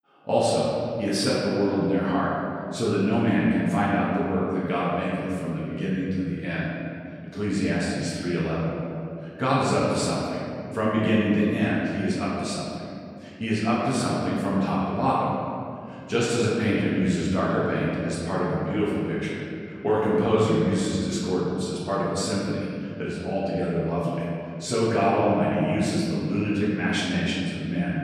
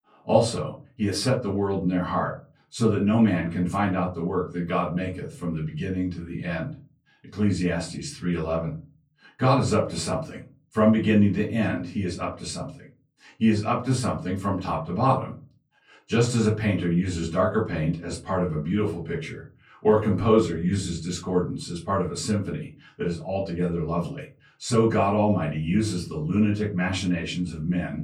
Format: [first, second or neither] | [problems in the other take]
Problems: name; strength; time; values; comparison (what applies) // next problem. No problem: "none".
second | room echo; strong; dies away in 2.4 s; slight in the second // off-mic speech; far; far in the second